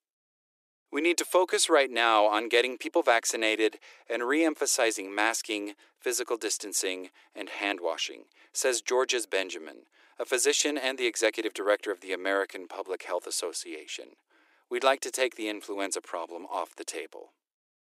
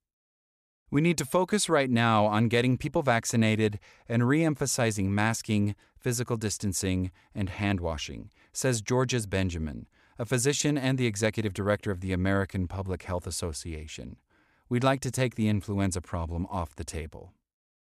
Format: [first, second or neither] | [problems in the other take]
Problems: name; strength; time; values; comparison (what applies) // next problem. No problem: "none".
second | thin; very; fading below 300 Hz